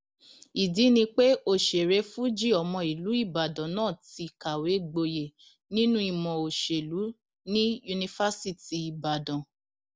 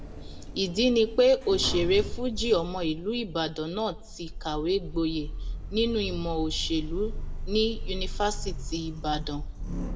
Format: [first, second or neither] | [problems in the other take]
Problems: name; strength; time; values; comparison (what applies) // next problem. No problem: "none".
first | background sound (Sliding door); 6 dB below the speech // room echo; dies away in 0.5 s